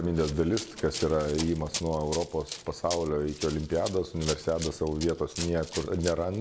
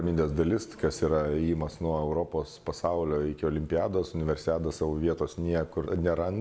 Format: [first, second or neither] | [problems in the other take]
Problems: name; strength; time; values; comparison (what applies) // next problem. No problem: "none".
second | background sound (Run); 12 dB below the speech